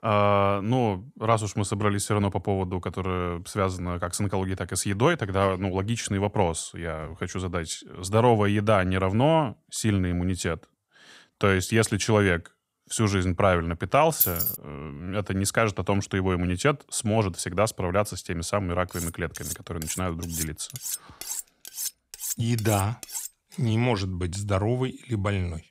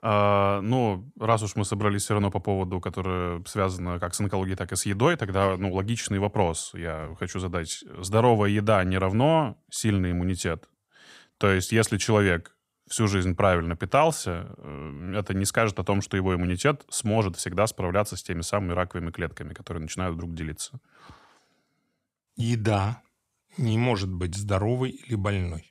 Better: second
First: jangling keys; loud; at 14 s; peak 3 dB above the speech // clattering dishes; noticeable; from 19 to 24 s; peak 6 dB below the speech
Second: none

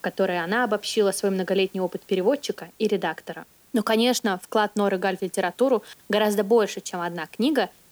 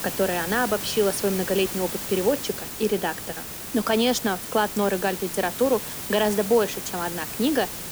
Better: first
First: hiss; faint; throughout; 30 dB below the speech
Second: hiss; loud; throughout; 6 dB below the speech

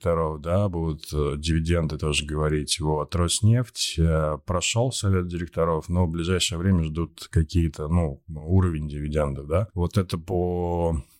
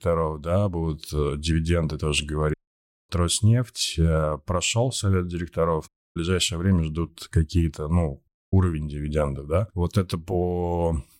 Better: first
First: none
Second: audio cutting out; at 2.5 s for 0.5 s, at 6 s and at 8.5 s

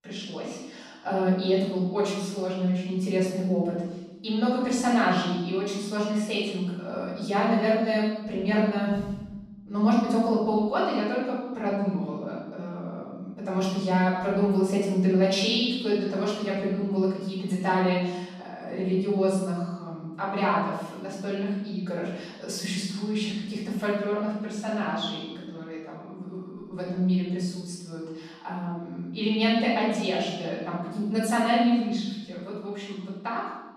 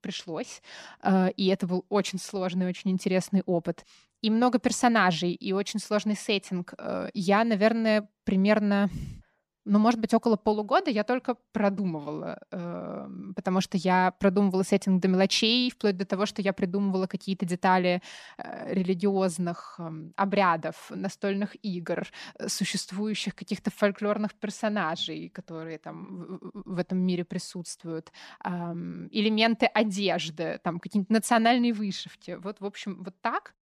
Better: second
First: off-mic speech; far // room echo; strong; dies away in 0.9 s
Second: none

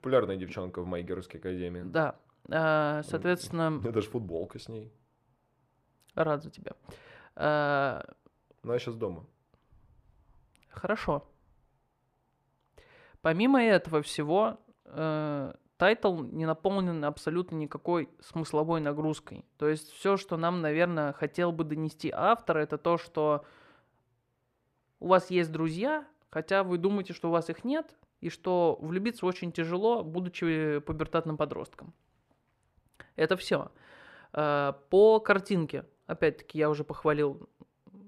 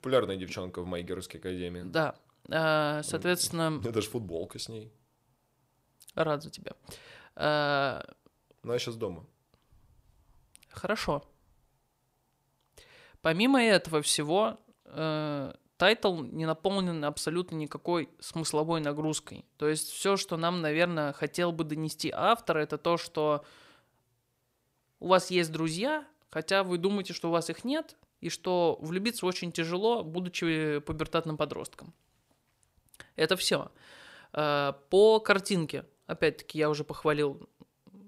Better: second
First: muffled; slightly; fading above 3 kHz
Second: none

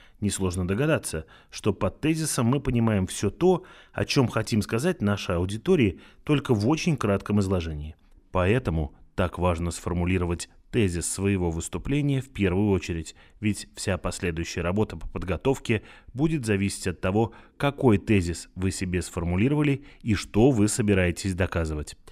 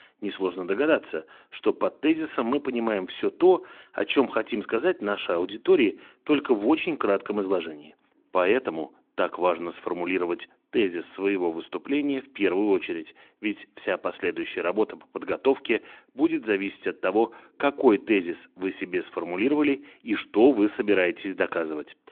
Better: first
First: none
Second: phone-call audio; nothing above 3.5 kHz

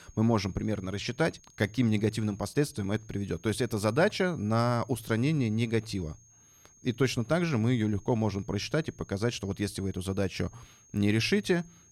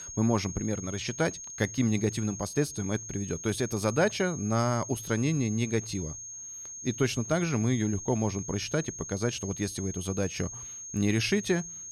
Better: first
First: high-pitched whine; faint; throughout; 6.5 kHz, 25 dB below the speech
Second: high-pitched whine; loud; throughout; 6.5 kHz, 9 dB below the speech

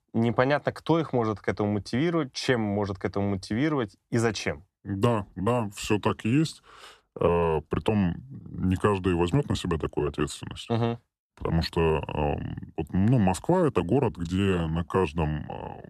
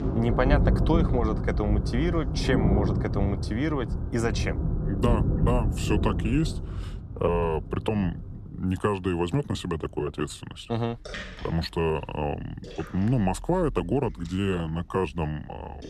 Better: first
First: none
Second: rain or running water; loud; throughout; as loud as the speech

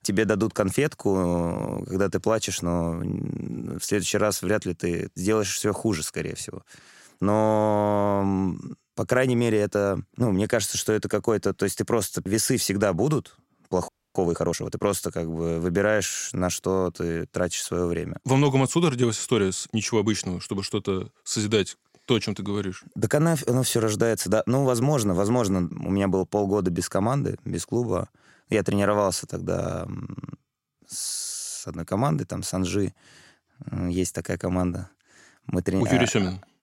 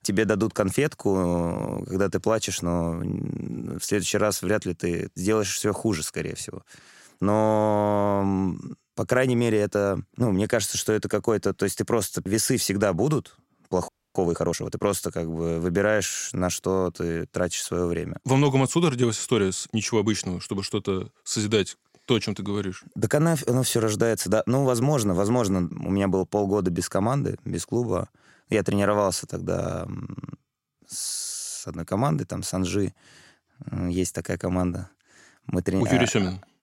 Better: neither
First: audio freezing; at 14 s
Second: audio freezing; at 14 s

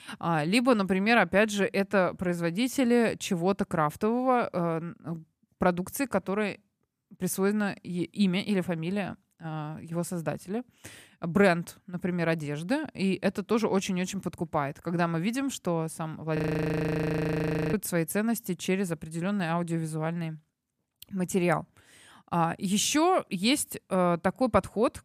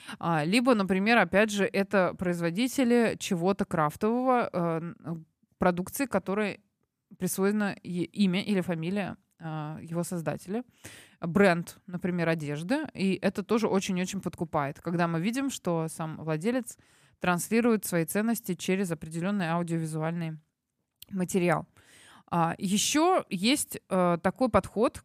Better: second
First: audio freezing; at 16 s for 1.5 s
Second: none

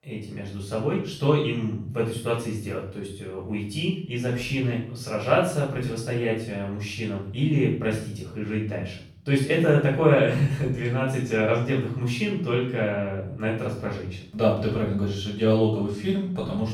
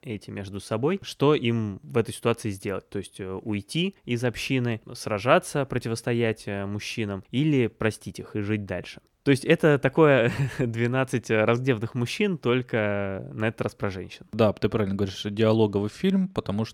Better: second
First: room echo; noticeable; dies away in 0.5 s // off-mic speech; far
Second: none

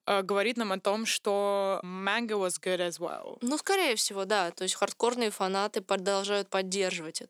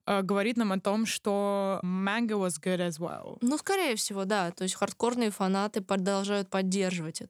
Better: second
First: thin; somewhat; fading below 350 Hz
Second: none

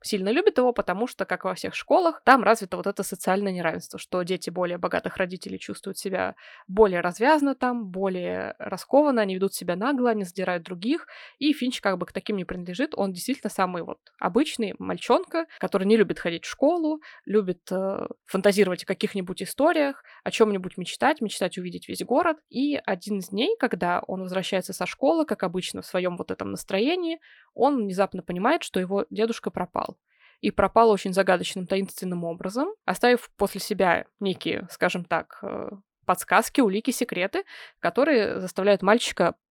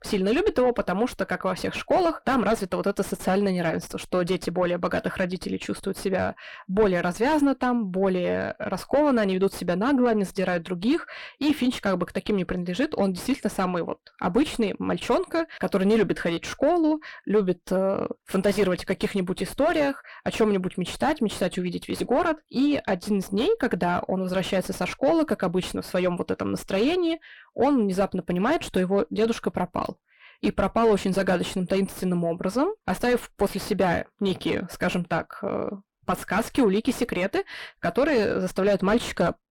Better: first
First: none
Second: distortion; heavy; 6 dB below the speech

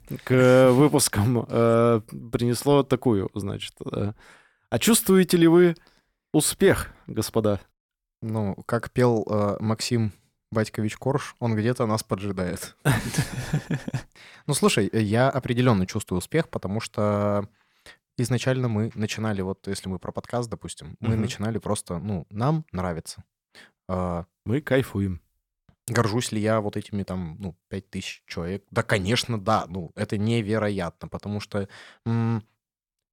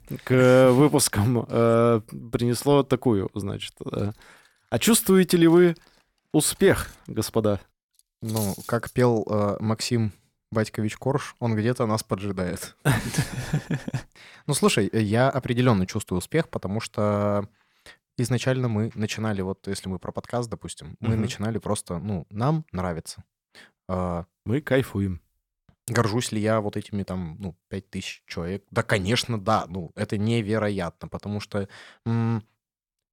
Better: first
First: none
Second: clattering dishes; noticeable; from 4 to 9 s; peak 9 dB below the speech

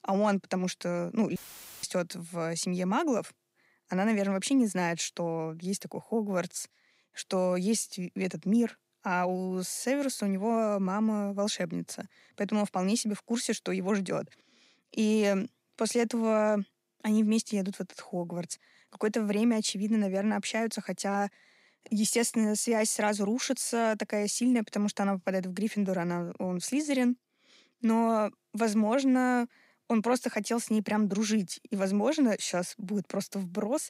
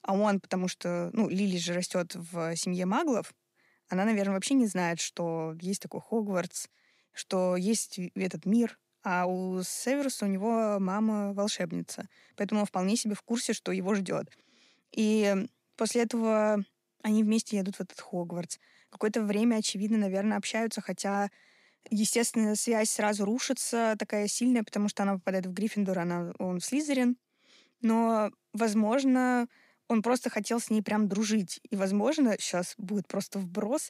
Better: second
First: audio cutting out; filled with static; at 1.5 s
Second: none

